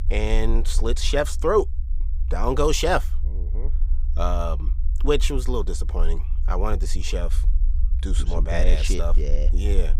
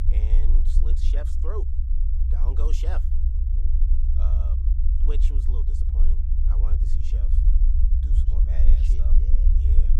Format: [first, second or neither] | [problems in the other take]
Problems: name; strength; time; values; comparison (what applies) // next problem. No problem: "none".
first | low rumble; loud; throughout; as loud as the speech; faint in the first